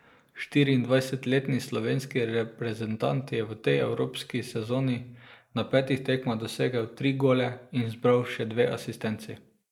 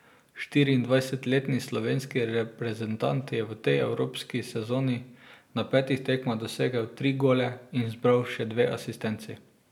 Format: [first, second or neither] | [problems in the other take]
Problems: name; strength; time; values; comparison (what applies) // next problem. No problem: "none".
second | noise reduction (neural mask model Resemble Enhance denoiser)